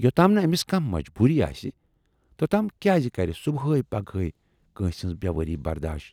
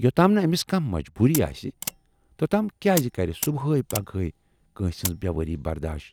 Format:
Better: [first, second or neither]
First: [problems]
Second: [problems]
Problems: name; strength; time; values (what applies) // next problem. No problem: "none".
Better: first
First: none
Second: background sound (Mechanisms); 12 dB below the speech